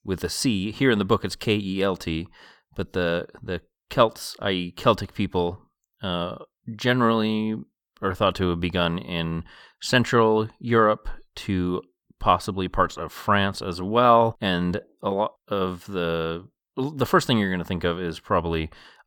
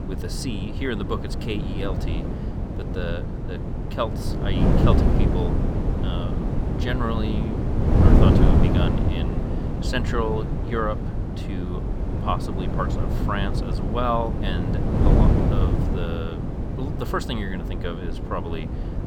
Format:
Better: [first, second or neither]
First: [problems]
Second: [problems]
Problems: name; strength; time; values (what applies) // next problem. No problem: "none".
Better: first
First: none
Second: wind noise on the microphone; heavy; 1 dB below the speech